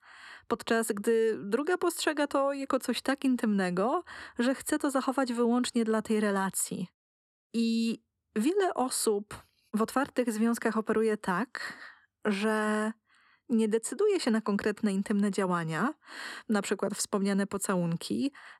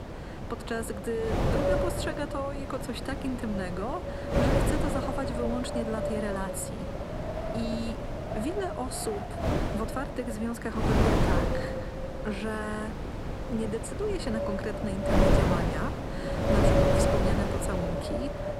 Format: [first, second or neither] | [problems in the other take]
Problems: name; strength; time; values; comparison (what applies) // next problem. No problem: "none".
first | wind noise on the microphone; heavy; 4 dB above the speech